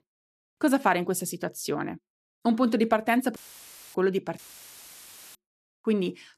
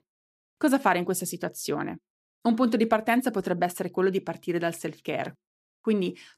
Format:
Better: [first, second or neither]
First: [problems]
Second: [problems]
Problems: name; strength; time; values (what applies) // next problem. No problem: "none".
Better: second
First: audio cutting out; filled with static; at 3.5 s for 0.5 s and at 4.5 s for 1 s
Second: none